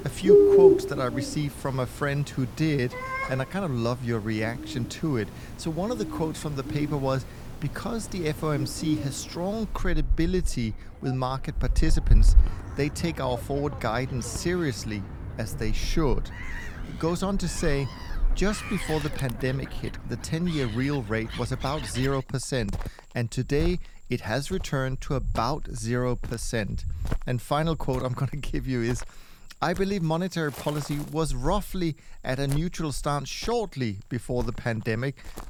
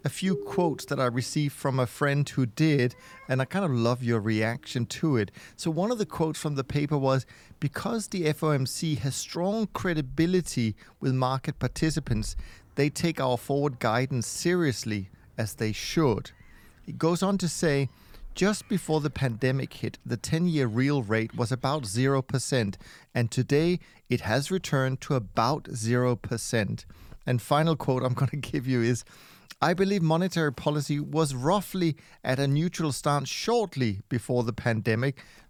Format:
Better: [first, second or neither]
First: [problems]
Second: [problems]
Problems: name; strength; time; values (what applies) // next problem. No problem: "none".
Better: second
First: animal sounds; loud; throughout; as loud as the speech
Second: animal sounds; faint; throughout; 20 dB below the speech